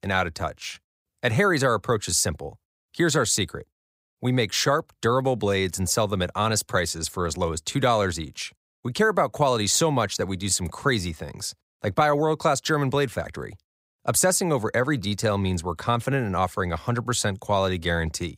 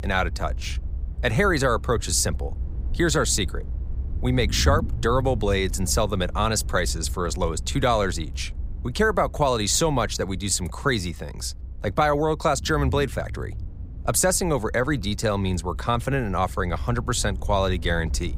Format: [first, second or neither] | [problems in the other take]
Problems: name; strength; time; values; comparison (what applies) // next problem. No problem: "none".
first | low rumble; faint; throughout; 25 dB below the speech